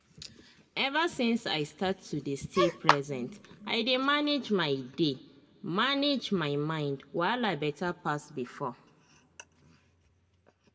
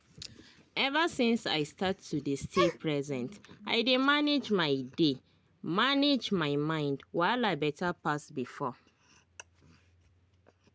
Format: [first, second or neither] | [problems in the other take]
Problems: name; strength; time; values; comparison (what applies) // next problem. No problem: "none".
second | background sound (Clapping); 1 dB below the speech // room echo; dies away in 2 s